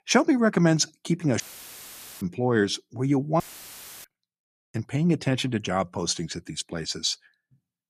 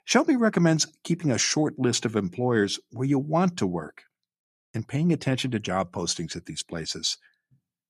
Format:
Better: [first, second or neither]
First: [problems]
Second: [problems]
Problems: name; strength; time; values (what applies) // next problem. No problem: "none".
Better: second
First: audio cutting out; filled with static; at 1.5 s for 1 s and at 3.5 s for 0.5 s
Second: none